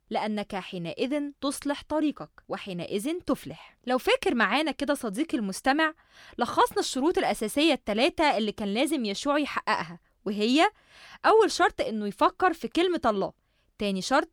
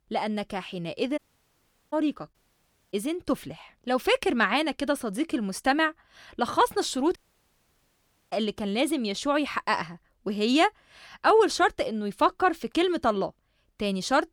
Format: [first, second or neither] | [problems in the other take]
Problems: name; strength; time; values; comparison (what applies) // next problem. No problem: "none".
first | audio cutting out; at 1 s for 0.5 s, at 2.5 s for 0.5 s and at 7 s for 1 s